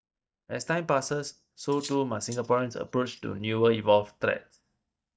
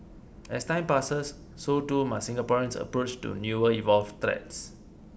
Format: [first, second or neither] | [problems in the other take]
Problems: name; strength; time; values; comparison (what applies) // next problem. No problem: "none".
second | noise reduction (neural mask model DeepFilterNet 3)